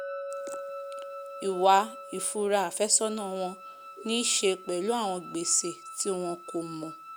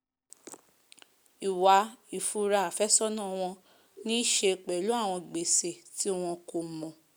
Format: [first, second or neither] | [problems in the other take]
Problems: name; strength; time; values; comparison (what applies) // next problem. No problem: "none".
second | background sound (Wind instrument, woodwind instrument + Chink, clink); 12 dB below the speech